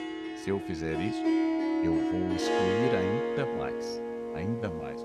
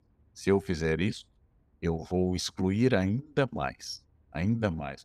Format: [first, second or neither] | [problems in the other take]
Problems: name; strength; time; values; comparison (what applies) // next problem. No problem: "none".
second | background music; very loud; throughout; 5 dB above the speech